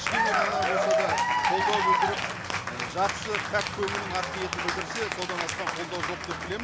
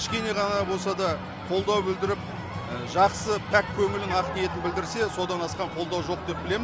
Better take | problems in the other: second | background sound (Applause / Cheering); 4 dB above the speech

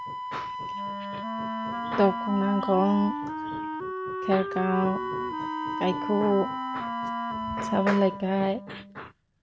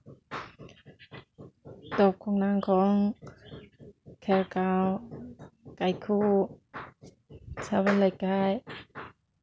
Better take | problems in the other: second | background sound (Wind instrument, woodwind instrument + Wind instrument, woodwind instrument); 4 dB below the speech

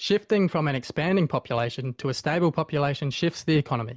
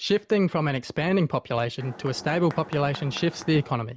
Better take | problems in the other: first | background sound (Mechanisms); 16 dB below the speech

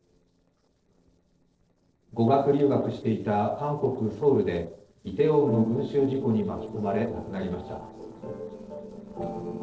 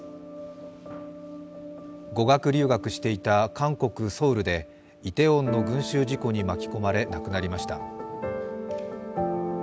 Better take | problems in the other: second | noise reduction (neural separator model SepFormer DNS4)

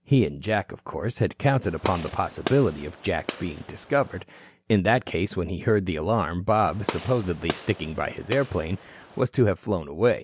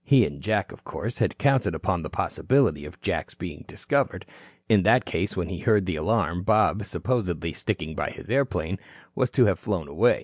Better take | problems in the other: second | background sound (Gunshot, gunfire); 12 dB below the speech

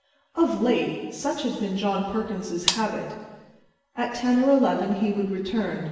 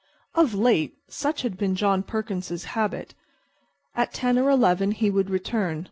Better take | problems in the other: second | background sound (Gunshot, gunfire); 6 dB below the speech // room echo; dies away in 1.3 s

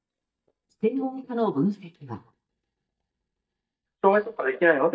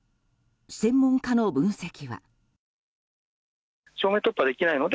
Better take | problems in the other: second | noise reduction (neural mask model DeepFilterNet 3)

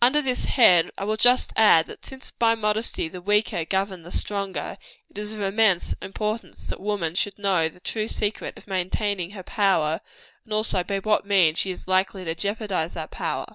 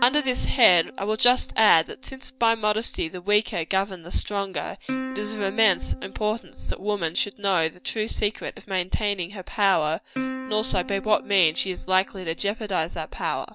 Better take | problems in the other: first | background sound (Plucked string instrument); 14 dB below the speech

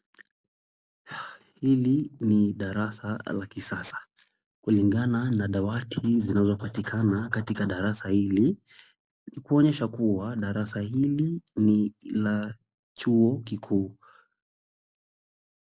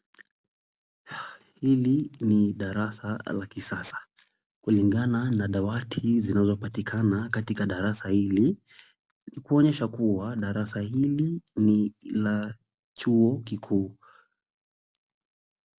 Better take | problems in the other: second | noise reduction (neural mask model Resemble Enhance denoiser)

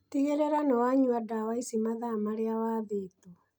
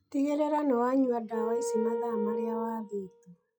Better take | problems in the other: first | noise reduction (classical method log-MMSE)

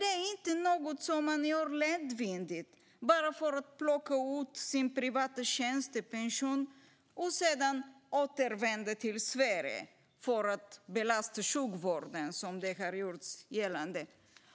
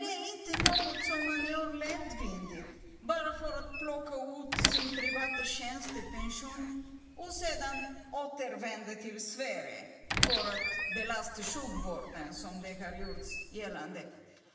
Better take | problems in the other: first | background sound (Squeak); 2 dB above the speech // room echo; dies away in 1.3 s

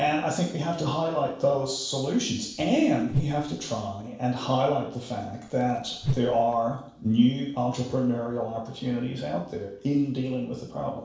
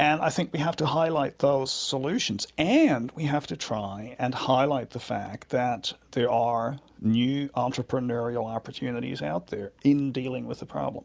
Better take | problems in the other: second | noise reduction (neural separator model SepFormer DNS4)

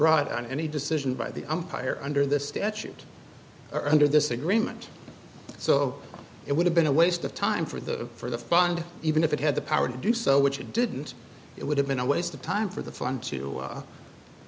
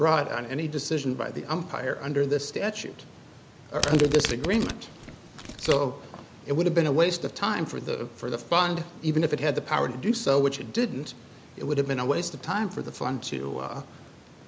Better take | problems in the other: first | background sound (Domestic sounds, home sounds); 7 dB below the speech

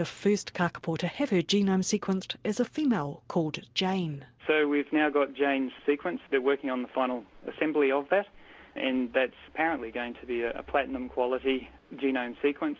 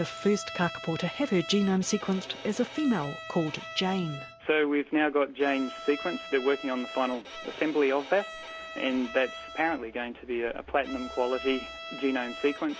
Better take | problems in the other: first | background sound (Bowed string instrument); 13 dB below the speech

